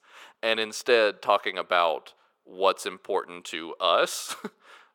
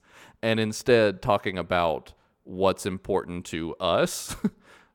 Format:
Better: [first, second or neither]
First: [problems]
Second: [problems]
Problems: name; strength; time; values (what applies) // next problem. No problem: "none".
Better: second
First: thin; very; fading below 500 Hz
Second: none